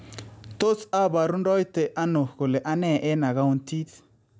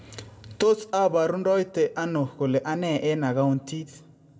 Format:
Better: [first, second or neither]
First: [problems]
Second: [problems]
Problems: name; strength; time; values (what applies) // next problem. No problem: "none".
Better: first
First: none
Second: room echo; dies away in 0.4 s